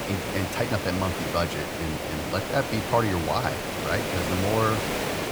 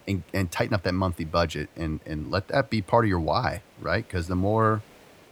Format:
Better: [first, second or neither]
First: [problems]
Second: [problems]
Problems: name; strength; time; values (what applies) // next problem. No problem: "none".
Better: second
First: hiss; loud; throughout; 1 dB below the speech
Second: hiss; faint; throughout; 25 dB below the speech